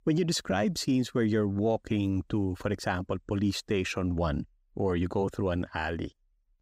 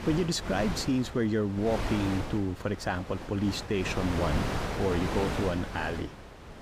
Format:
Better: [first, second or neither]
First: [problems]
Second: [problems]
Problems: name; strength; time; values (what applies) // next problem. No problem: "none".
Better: first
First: none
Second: wind noise on the microphone; heavy; 4 dB below the speech